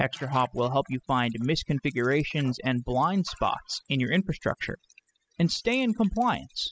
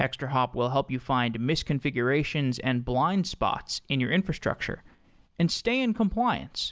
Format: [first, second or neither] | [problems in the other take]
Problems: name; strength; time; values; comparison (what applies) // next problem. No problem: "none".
second | noise reduction (classical method spectral subtraction)